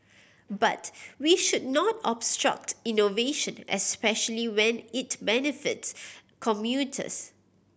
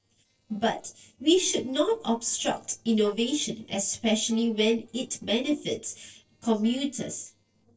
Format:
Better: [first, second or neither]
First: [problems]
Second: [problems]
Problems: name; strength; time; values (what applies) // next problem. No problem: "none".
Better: first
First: none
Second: noise reduction (neural separator model SepFormer DNS4)